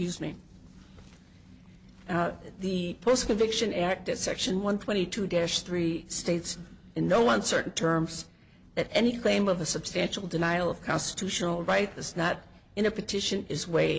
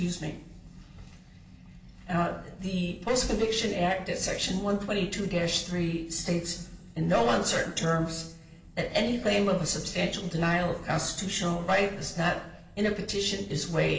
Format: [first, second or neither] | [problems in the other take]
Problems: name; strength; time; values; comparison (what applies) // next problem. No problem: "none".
first | room echo; dies away in 0.7 s